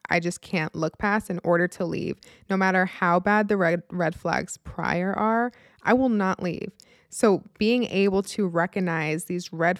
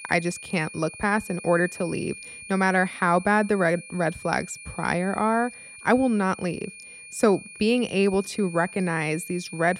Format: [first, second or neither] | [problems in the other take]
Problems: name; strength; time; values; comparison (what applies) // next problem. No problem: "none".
first | high-pitched whine; noticeable; throughout; 2.5 kHz, 15 dB below the speech